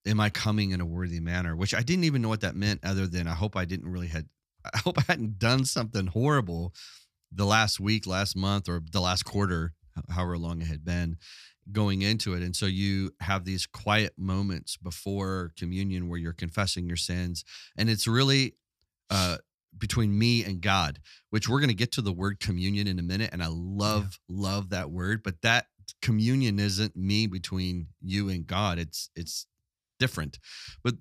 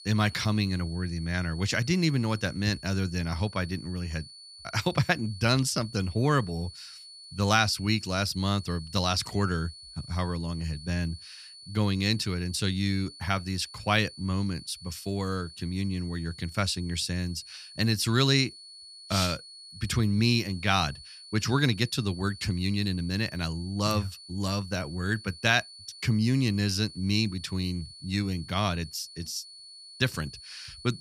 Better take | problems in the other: first | high-pitched whine; noticeable; throughout; 4.5 kHz, 15 dB below the speech

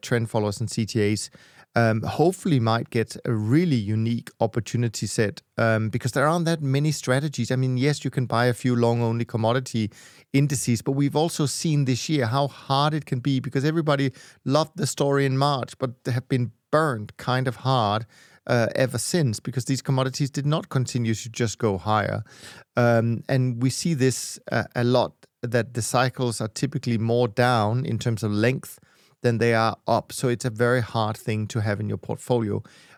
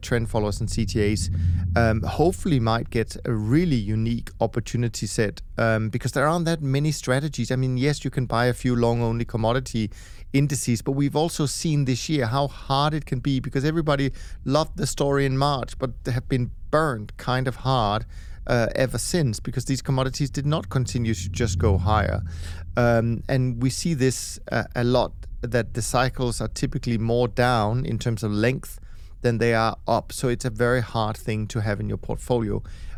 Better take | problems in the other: first | low rumble; faint; throughout; 25 dB below the speech

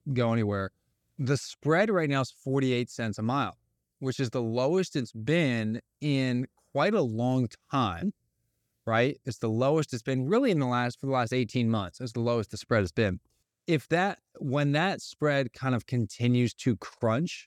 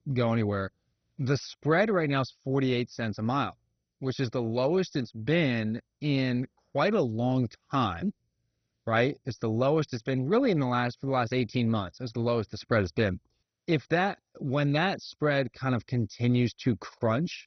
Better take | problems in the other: first | garbled, watery; badly; nothing above 6 kHz

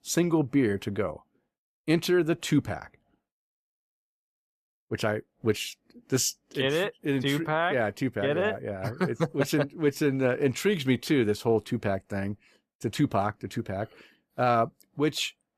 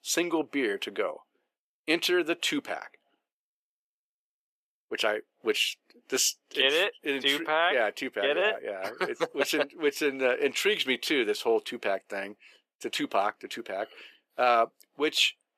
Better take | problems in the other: first | thin; somewhat; fading below 350 Hz

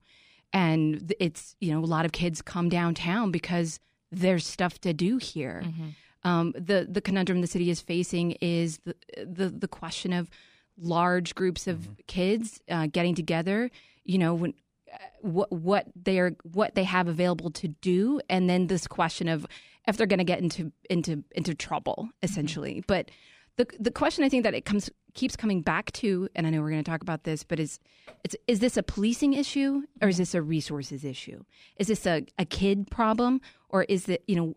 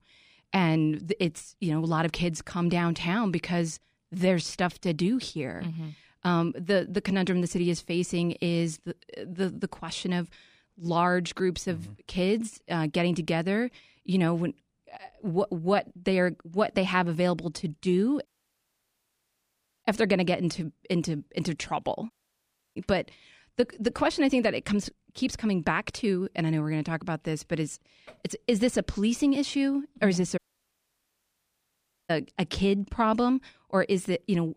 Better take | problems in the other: first | audio cutting out; at 18 s for 1.5 s, at 22 s for 0.5 s and at 30 s for 1.5 s

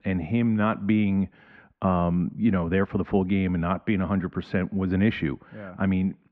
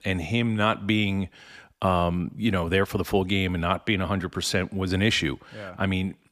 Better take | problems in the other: second | muffled; very; fading above 2 kHz

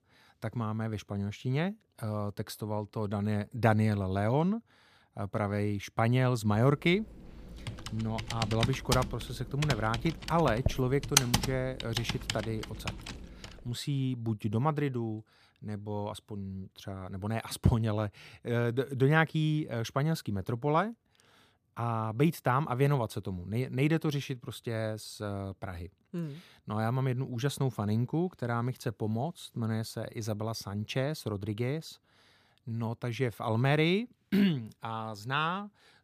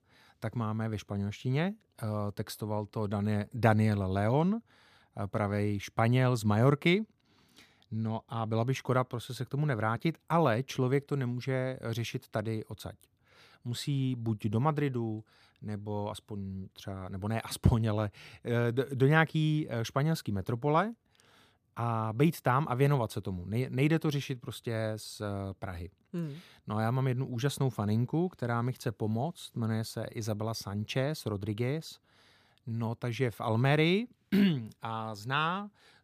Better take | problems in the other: second | keyboard typing; loud; from 7.5 to 13 s; peak 6 dB above the speech

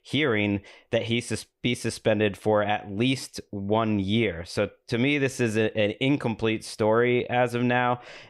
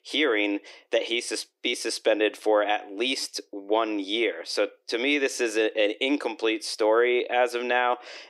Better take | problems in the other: first | thin; somewhat; fading below 300 Hz

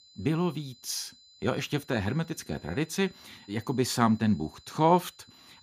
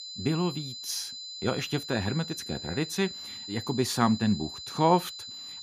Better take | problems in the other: first | high-pitched whine; loud; throughout; 4 kHz, 9 dB below the speech; faint in the first

